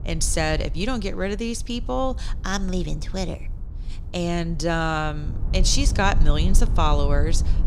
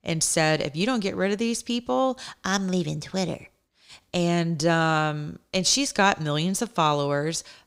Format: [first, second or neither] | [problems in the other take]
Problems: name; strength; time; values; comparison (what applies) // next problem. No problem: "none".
second | low rumble; noticeable; throughout; 20 dB below the speech